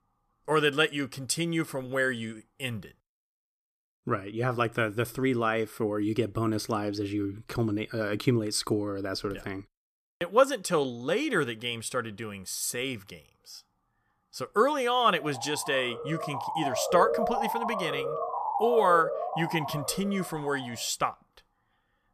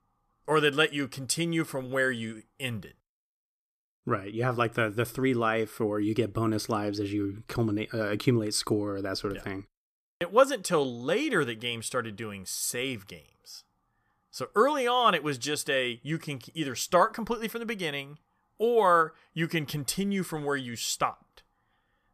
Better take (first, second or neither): second